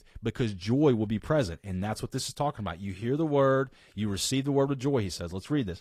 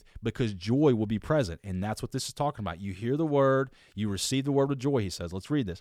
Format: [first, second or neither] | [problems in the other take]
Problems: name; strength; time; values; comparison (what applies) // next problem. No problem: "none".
second | garbled, watery; slightly; nothing above 13.5 kHz